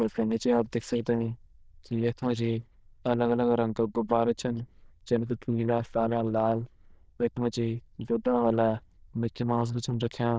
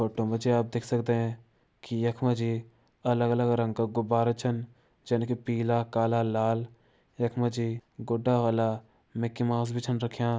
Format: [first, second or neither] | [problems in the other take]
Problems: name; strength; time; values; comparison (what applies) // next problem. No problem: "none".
second | noise reduction (neural diffusion model UNIVERSE++)